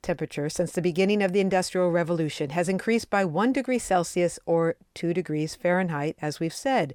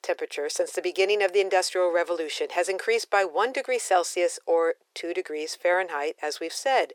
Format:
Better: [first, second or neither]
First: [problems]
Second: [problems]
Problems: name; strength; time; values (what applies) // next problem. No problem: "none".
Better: first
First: none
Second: thin; very; fading below 400 Hz